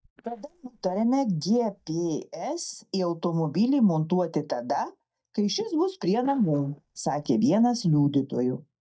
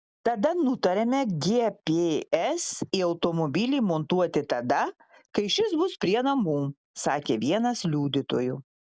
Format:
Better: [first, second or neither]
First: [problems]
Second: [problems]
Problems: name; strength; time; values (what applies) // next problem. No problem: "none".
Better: second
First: noise reduction (neural mask model DeepFilterNet 3)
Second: none